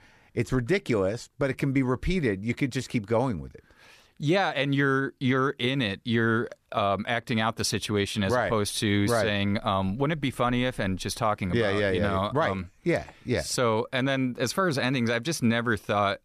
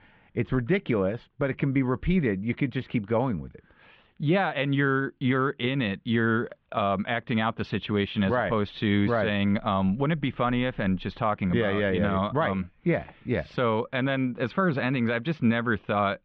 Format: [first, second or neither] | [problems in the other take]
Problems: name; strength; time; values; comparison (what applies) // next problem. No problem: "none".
first | muffled; very; fading above 3 kHz